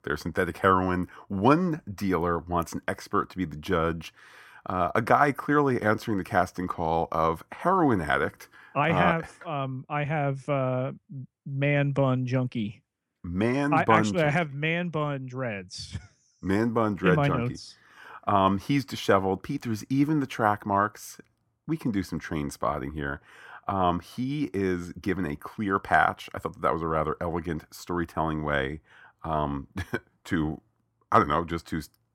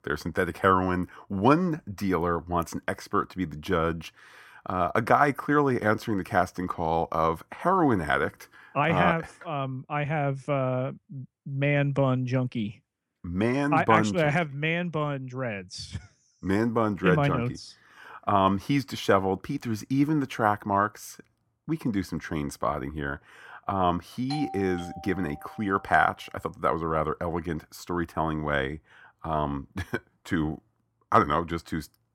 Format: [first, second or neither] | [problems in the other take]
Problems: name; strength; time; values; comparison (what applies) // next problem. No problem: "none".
first | doorbell; noticeable; from 24 to 26 s; peak 10 dB below the speech